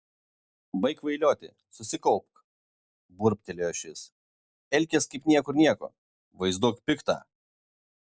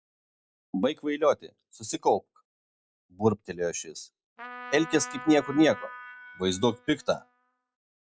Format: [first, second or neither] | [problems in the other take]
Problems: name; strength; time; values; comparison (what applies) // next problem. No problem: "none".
first | noise reduction (classical method log-MMSE)